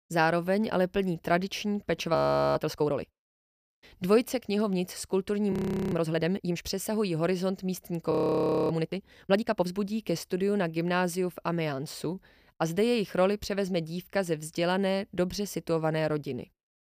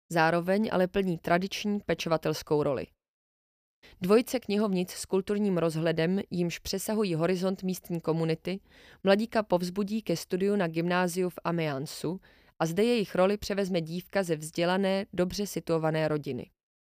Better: second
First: audio freezing; at 2 s, at 5.5 s and at 8 s for 0.5 s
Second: none

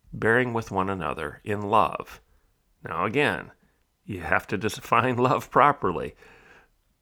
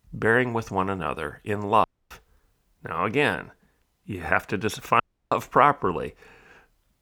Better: first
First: none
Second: audio cutting out; at 2 s and at 5 s

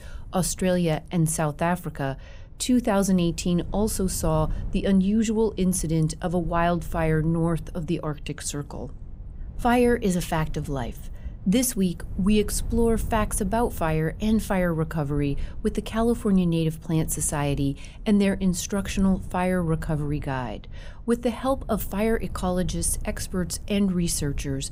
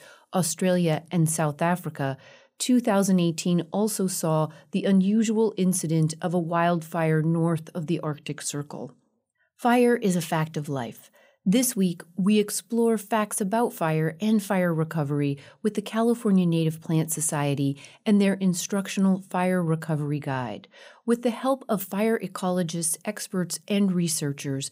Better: second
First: wind noise on the microphone; occasional gusts; 25 dB below the speech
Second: none

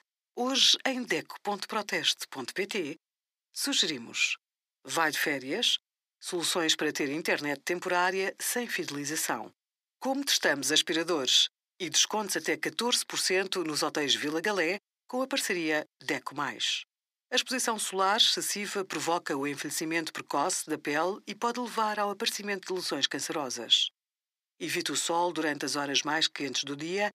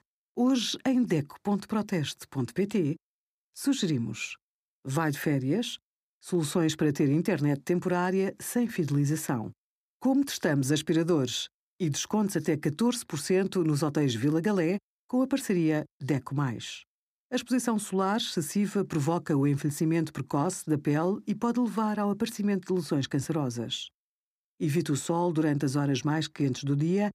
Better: second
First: thin; very; fading below 550 Hz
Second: none

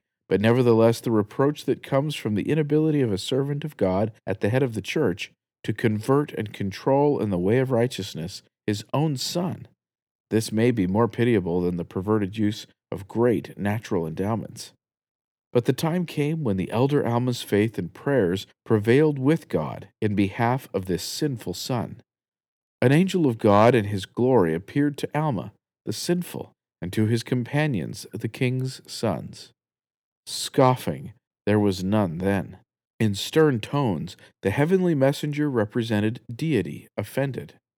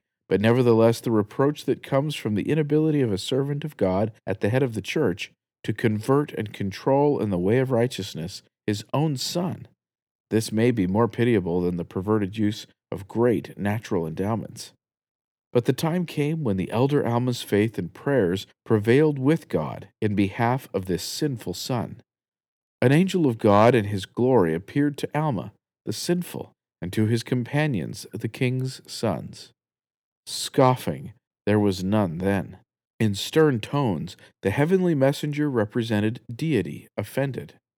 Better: neither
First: none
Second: none

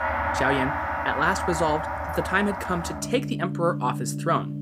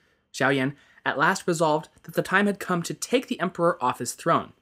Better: second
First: background music; loud; throughout; 3 dB below the speech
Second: none

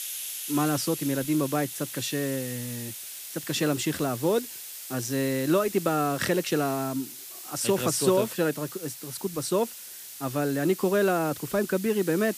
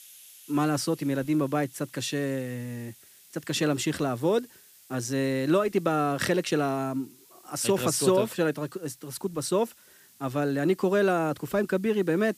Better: second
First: hiss; loud; throughout; 9 dB below the speech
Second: hiss; faint; throughout; 25 dB below the speech

